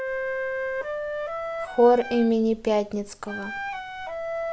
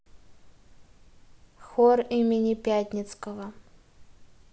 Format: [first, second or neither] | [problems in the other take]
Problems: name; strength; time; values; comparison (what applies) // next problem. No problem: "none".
second | background sound (Wind instrument, woodwind instrument); 6 dB below the speech